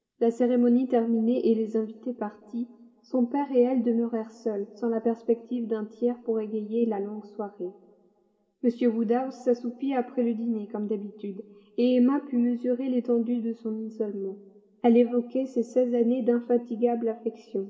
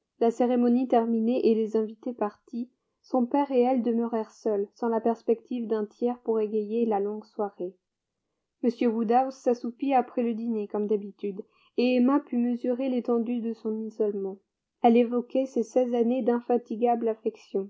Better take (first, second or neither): second